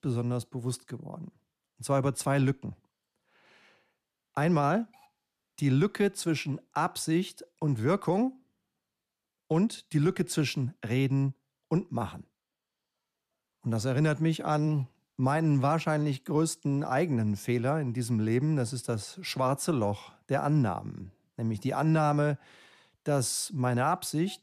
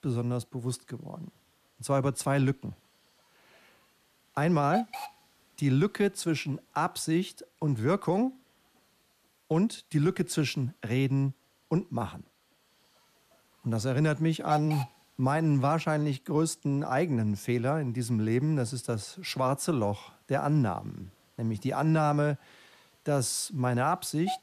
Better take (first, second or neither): first